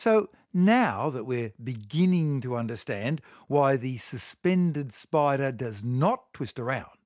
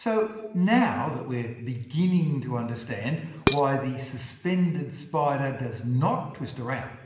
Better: first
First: none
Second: background sound (Dishes, pots, and pans); 3 dB below the speech // room echo; dies away in 1 s

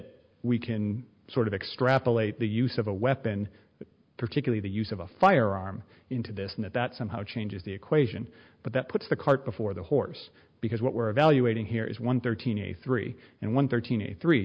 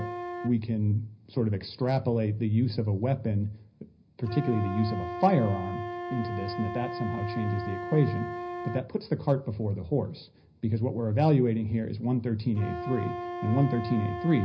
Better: first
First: none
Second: background sound (Wind instrument, woodwind instrument); 10 dB below the speech // room echo; dies away in 0.4 s

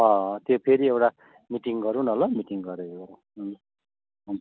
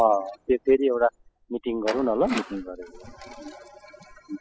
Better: first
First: none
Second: noise reduction (classical method spectral subtraction)

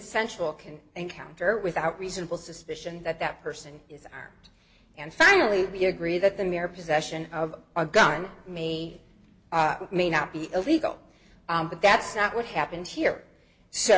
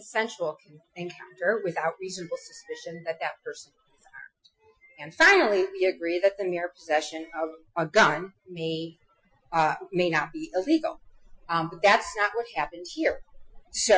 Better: first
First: none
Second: noise reduction (classical method Wiener filter)

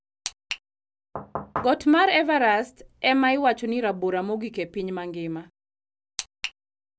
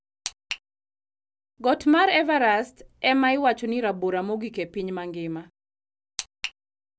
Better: second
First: background sound (Knock / Wood); 7 dB below the speech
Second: none

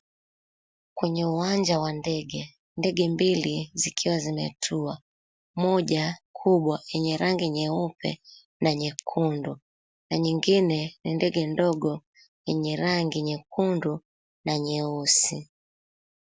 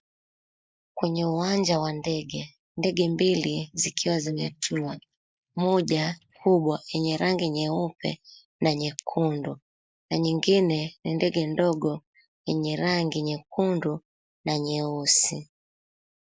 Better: first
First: none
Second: noise reduction (neural mask model Resemble Enhance denoiser)

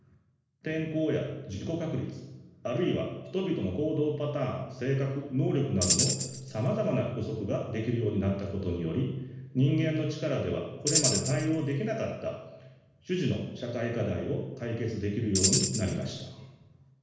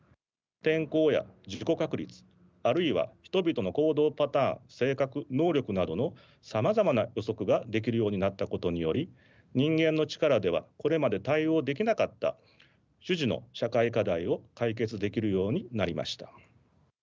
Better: second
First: background sound (Tambourine); 1 dB below the speech // room echo; dies away in 1.1 s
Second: none

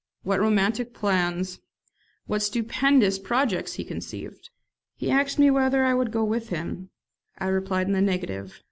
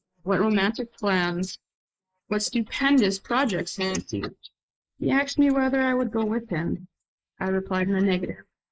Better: first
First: none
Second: noise reduction (neural mask model Resemble Enhance denoiser)

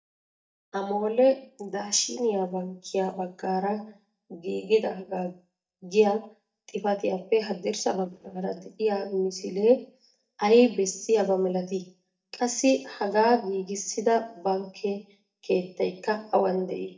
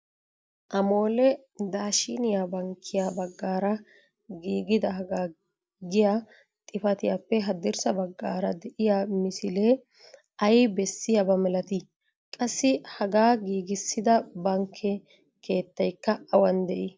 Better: second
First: noise reduction (neural mask model DeepFilterNet 3)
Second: none

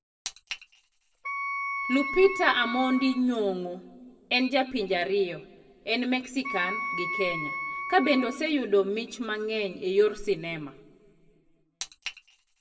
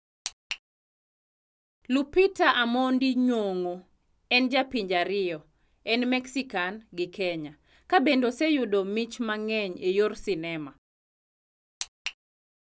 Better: second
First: background sound (Wind instrument, woodwind instrument); 5 dB below the speech // room echo; dies away in 1.2 s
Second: none

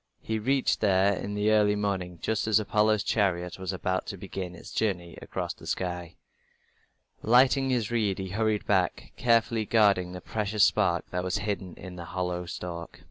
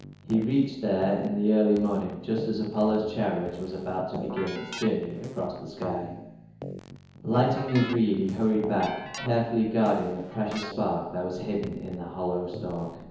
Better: first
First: none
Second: background sound (Keyboard (musical)); 14 dB below the speech // room echo; dies away in 1 s

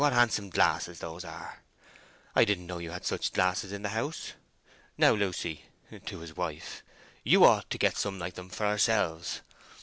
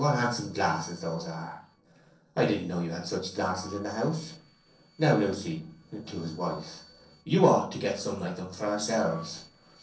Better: first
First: none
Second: noise reduction (neural separator model SepFormer DNS4)

